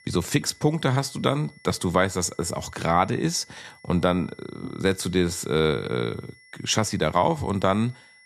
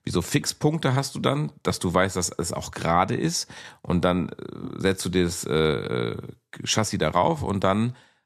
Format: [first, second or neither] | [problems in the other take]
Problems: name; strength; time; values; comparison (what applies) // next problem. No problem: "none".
second | high-pitched whine; faint; throughout; 2 kHz, 25 dB below the speech